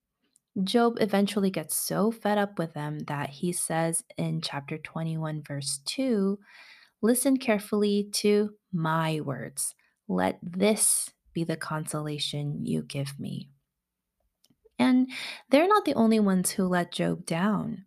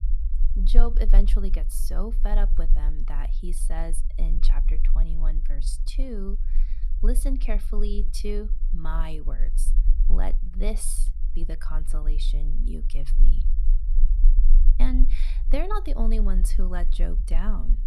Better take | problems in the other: first | low rumble; noticeable; throughout; 15 dB below the speech

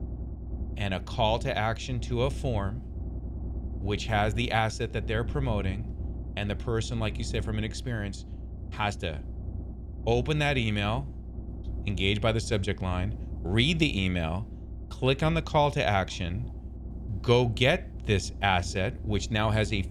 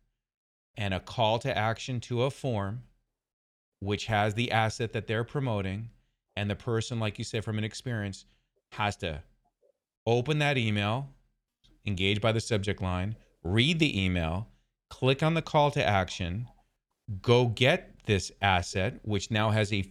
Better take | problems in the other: second | low rumble; faint; throughout; 20 dB below the speech

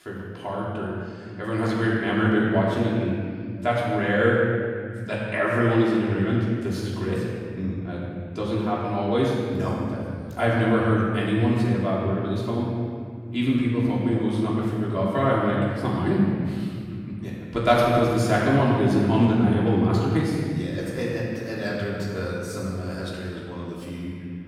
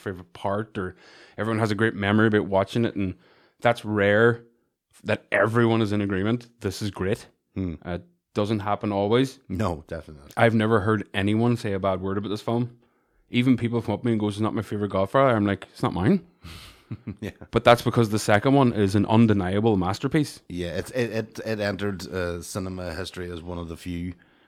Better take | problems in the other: second | off-mic speech; far // room echo; strong; dies away in 2.2 s

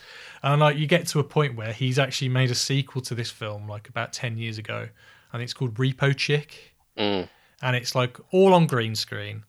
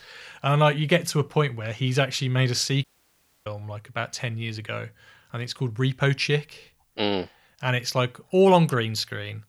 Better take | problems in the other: first | audio cutting out; at 3 s for 0.5 s

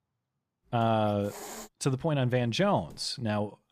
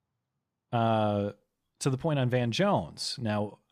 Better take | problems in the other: second | hiss; noticeable; from 0.5 to 1.5 s and at 2.5 s; 15 dB below the speech

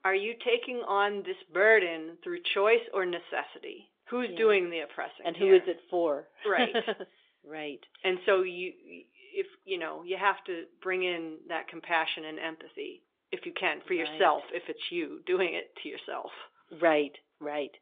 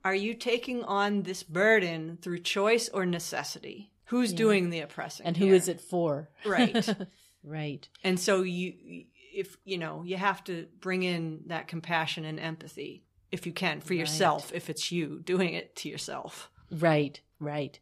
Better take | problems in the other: second | phone-call audio

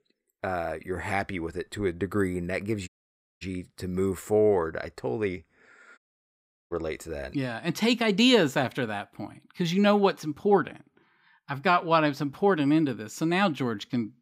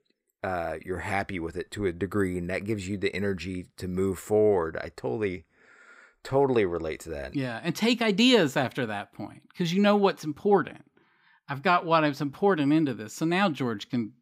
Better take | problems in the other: second | audio cutting out; at 3 s for 0.5 s and at 6 s for 0.5 s

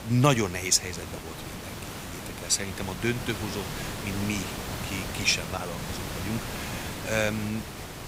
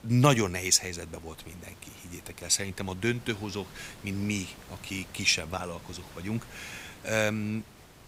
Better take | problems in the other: second | hiss; loud; throughout; 7 dB below the speech; faint in the second

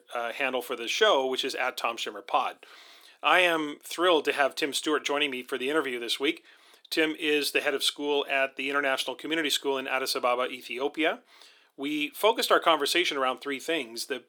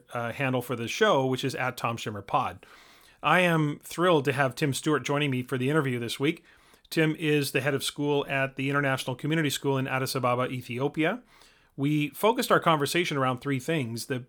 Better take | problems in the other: second | thin; somewhat; fading below 350 Hz

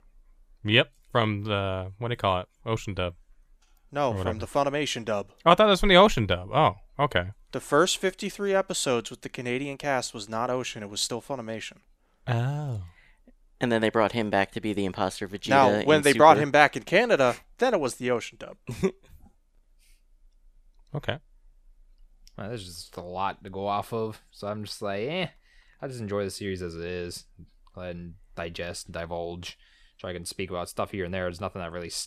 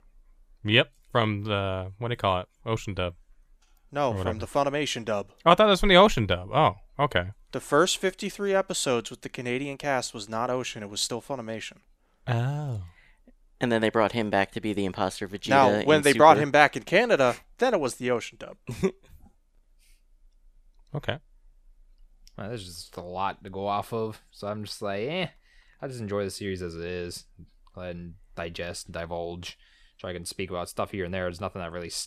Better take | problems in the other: neither | none

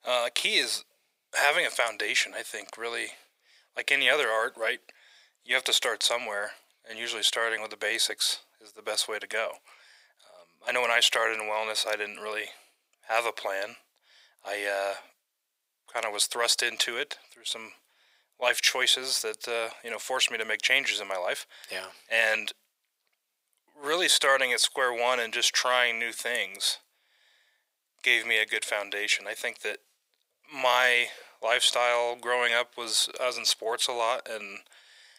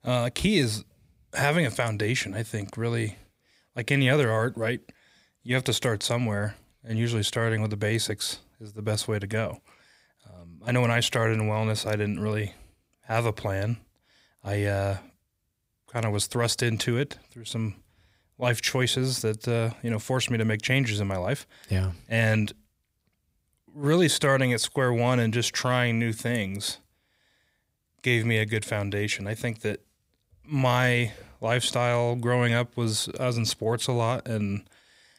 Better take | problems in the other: second | thin; very; fading below 550 Hz

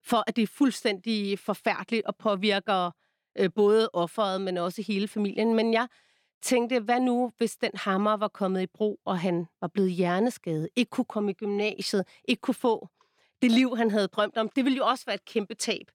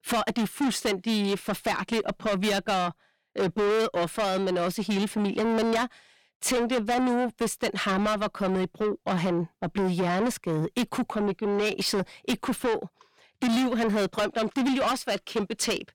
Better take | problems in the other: first | distortion; heavy; 6 dB below the speech

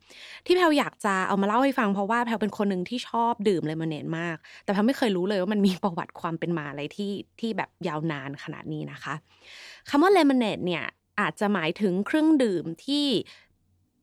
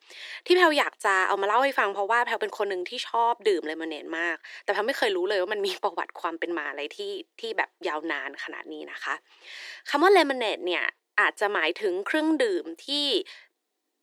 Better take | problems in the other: first | thin; very; fading below 350 Hz

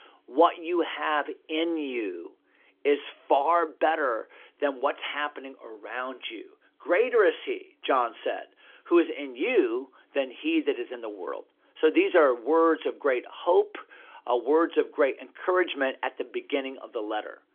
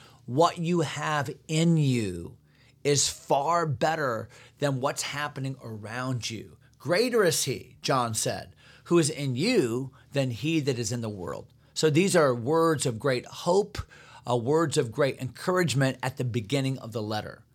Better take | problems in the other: second | phone-call audio; nothing above 3.5 kHz

